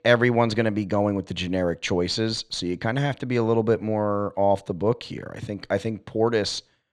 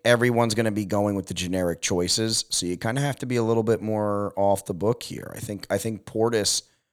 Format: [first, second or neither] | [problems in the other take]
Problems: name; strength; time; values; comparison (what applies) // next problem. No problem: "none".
second | muffled; very slightly; fading above 3 kHz